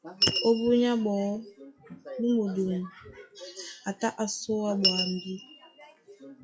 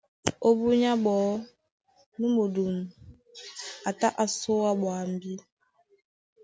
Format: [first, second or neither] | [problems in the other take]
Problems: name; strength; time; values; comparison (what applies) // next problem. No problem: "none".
second | noise reduction (classical method WPE with log-MMSE)